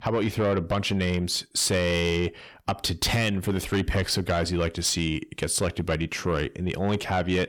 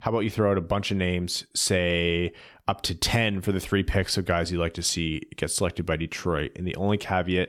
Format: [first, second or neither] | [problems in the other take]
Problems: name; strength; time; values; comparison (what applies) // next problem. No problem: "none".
second | distortion; slight; 10 dB below the speech